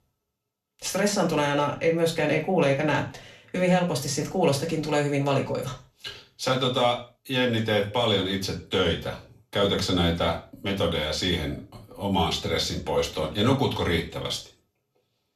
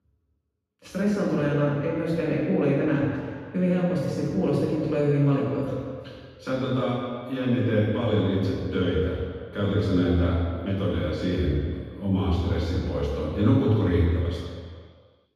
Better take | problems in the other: first | room echo; strong; dies away in 1.8 s; slight in the first // off-mic speech; far; far in the first

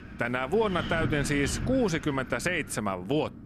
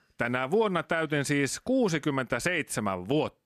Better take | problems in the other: second | wind noise on the microphone; occasional gusts; 10 dB below the speech

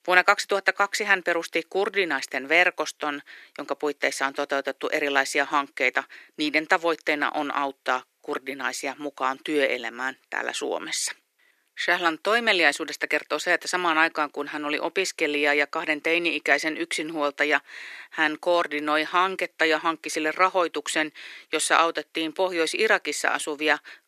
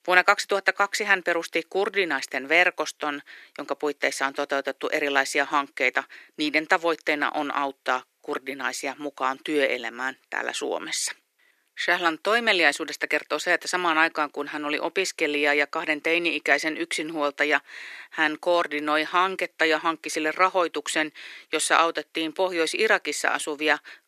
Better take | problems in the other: neither | thin; somewhat; fading below 300 Hz; the same in both

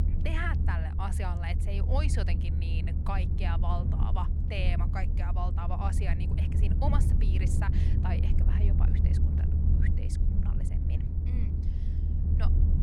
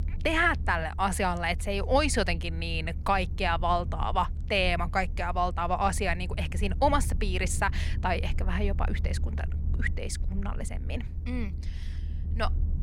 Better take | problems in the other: second | low rumble; loud; throughout; 5 dB below the speech; faint in the second

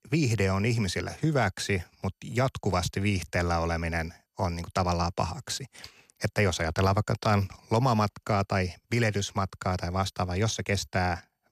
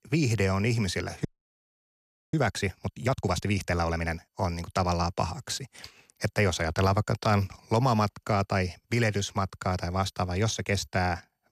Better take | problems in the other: first | audio freezing; at 1.5 s for 1 s

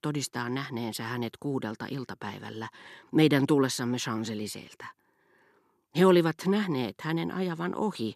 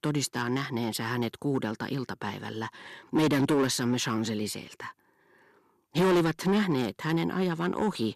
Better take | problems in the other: first | distortion; heavy; 6% of the sound clipped

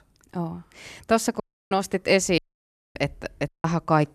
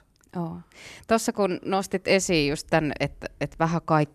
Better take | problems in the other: second | audio cutting out; at 1.5 s, at 2.5 s for 0.5 s and at 3.5 s

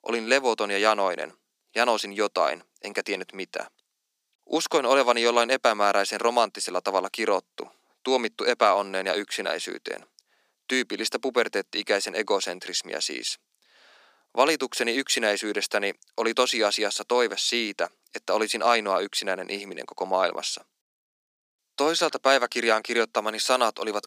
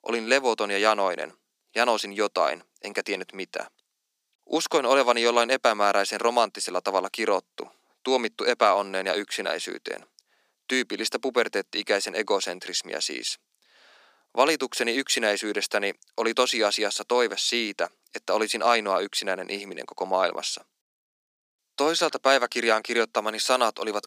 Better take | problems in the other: neither | thin; somewhat; fading below 300 Hz; the same in both

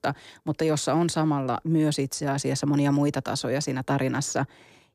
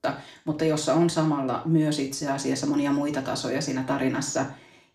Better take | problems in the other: first | room echo; slight; dies away in 0.4 s // off-mic speech; somewhat distant

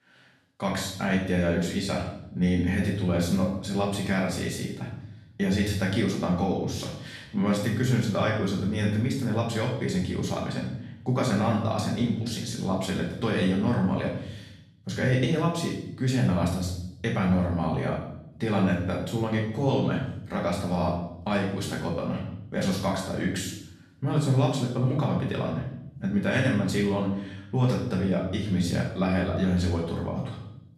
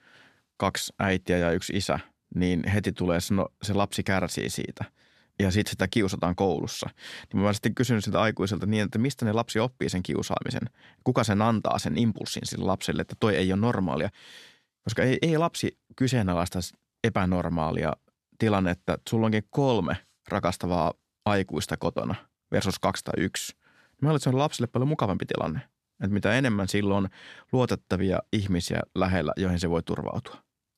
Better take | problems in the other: second | off-mic speech; far // room echo; noticeable; dies away in 0.8 s

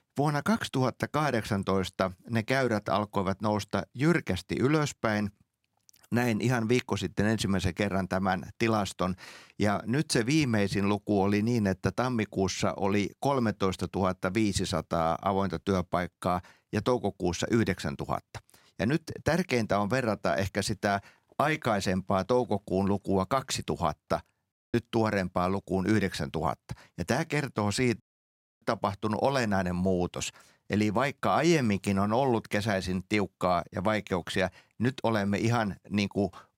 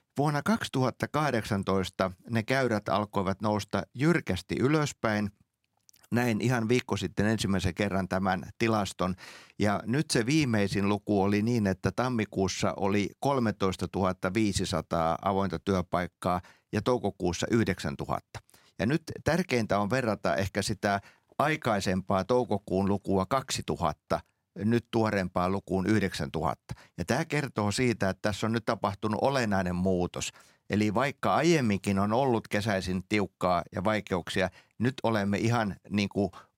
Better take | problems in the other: second | audio cutting out; at 25 s and at 28 s for 0.5 s

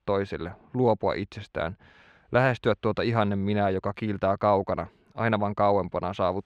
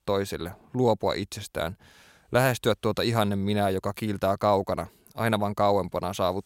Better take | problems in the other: second | muffled; slightly; fading above 2.5 kHz

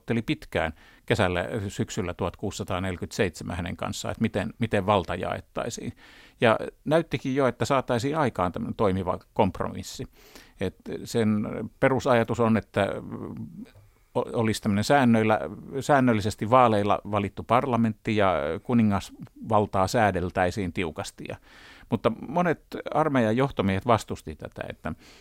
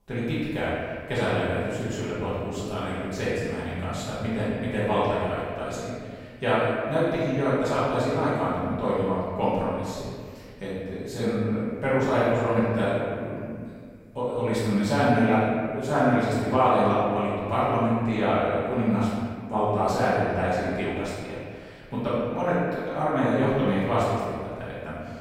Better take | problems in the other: first | room echo; strong; dies away in 1.8 s // off-mic speech; far

